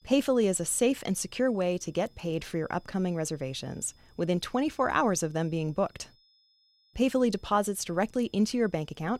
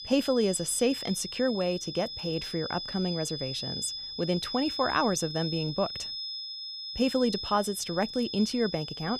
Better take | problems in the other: first | high-pitched whine; loud; throughout; 5 kHz, 6 dB below the speech; faint in the first

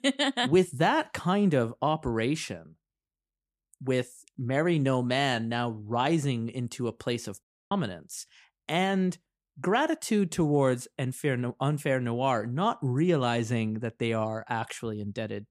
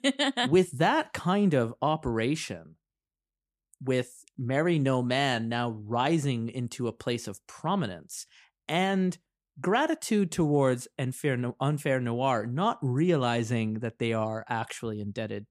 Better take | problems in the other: second | audio cutting out; at 7.5 s

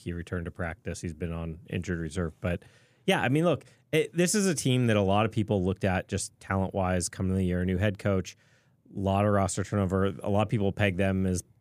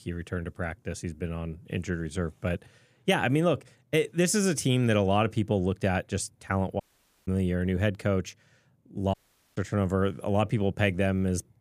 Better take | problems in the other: first | audio cutting out; at 7 s and at 9 s

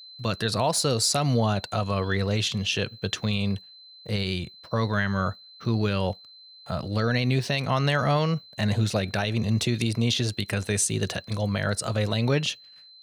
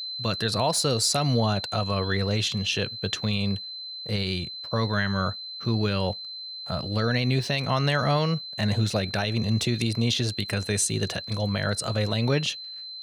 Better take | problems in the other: first | high-pitched whine; loud; throughout; 4 kHz, 8 dB below the speech; faint in the first

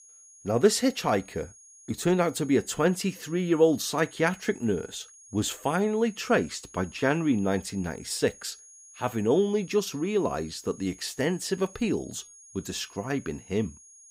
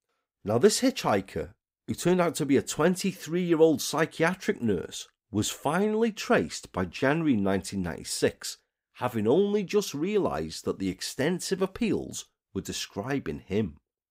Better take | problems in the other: second | high-pitched whine; faint; throughout; 6.5 kHz, 20 dB below the speech

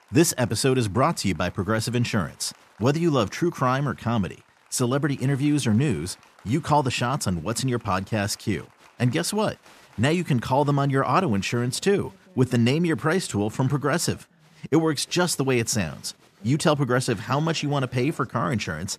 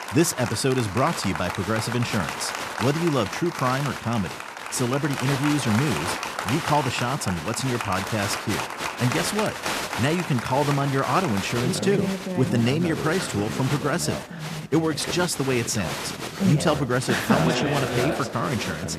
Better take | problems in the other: first | crowd noise; loud; throughout; 4 dB below the speech; faint in the first

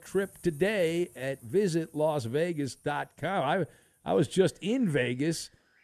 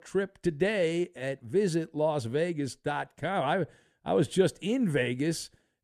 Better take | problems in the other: second | animal sounds; faint; throughout; 25 dB below the speech

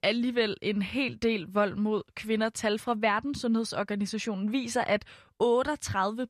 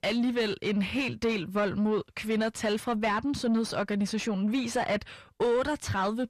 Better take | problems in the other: first | distortion; slight; 10 dB below the speech

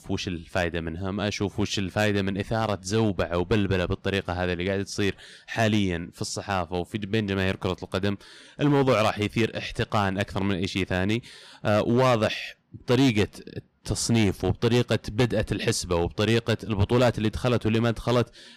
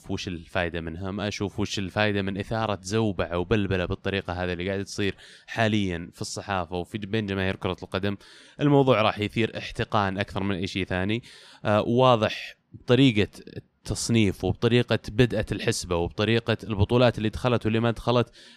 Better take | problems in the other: second | distortion; slight; 4% of the sound clipped

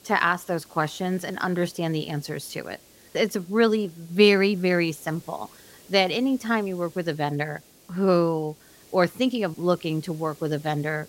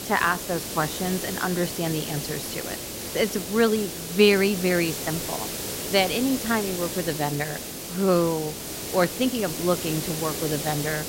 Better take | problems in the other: first | hiss; loud; throughout; 5 dB below the speech; faint in the first

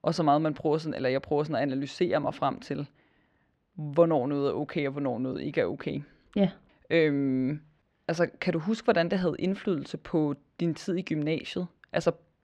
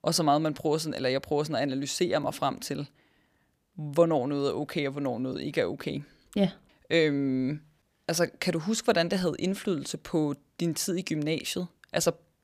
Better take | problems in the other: second | muffled; slightly; fading above 2.5 kHz

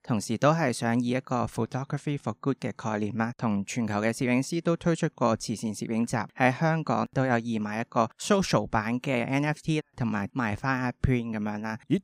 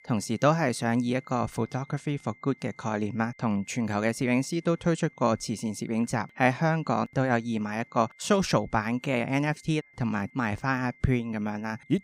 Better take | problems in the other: first | high-pitched whine; faint; throughout; 2 kHz, 25 dB below the speech

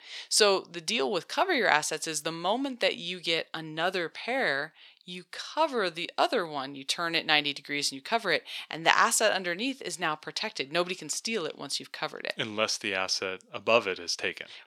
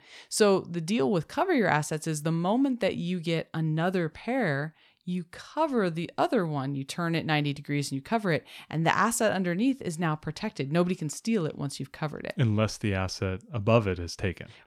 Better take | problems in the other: second | thin; somewhat; fading below 400 Hz

